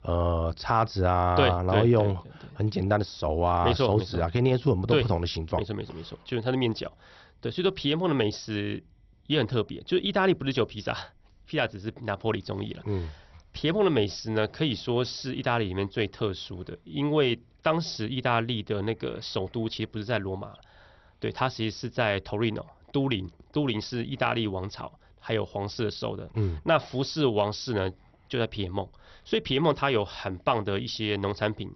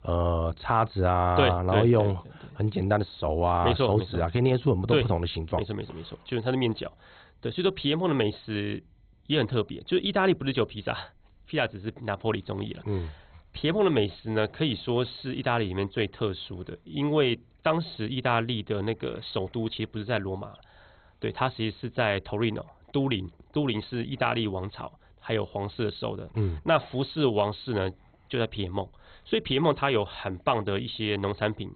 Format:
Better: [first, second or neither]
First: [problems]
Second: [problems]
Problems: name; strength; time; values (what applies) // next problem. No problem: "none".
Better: first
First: garbled, watery; slightly; nothing above 6 kHz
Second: garbled, watery; badly; nothing above 4 kHz